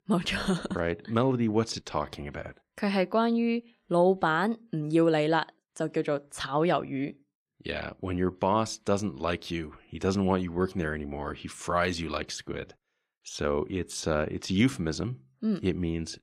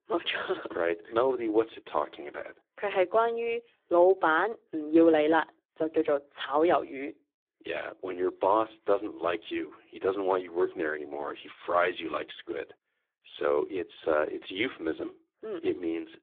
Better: first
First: none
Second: phone-call audio; poor line

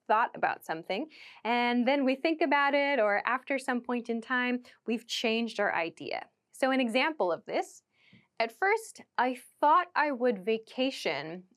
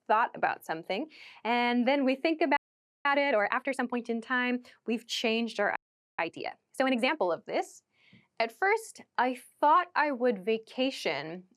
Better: first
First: none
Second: audio freezing; at 2.5 s and at 6 s

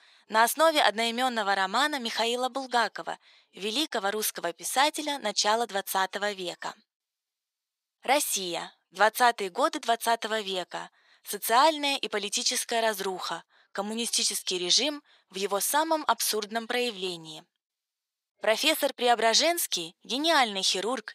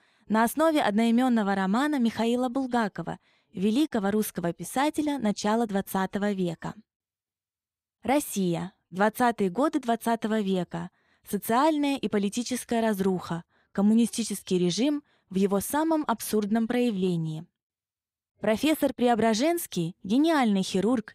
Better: second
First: thin; very; fading below 650 Hz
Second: none

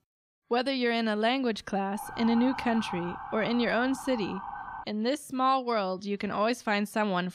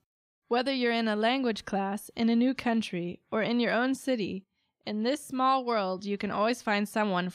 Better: second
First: siren; noticeable; from 2 to 5 s; peak 8 dB below the speech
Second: none

